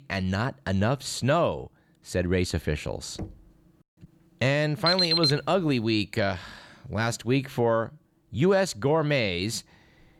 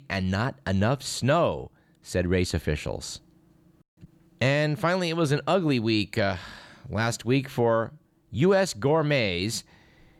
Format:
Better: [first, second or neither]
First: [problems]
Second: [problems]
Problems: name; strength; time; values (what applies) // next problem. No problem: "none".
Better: second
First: door banging; faint; at 3 s; peak 15 dB below the speech // alarm; loud; at 5 s; peak 5 dB above the speech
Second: none